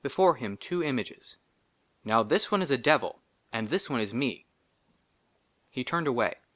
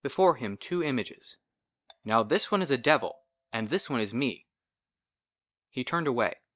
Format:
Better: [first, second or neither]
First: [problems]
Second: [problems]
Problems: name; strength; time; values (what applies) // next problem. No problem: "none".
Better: first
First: none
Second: noise reduction (neural mask model DeepFilterNet 3)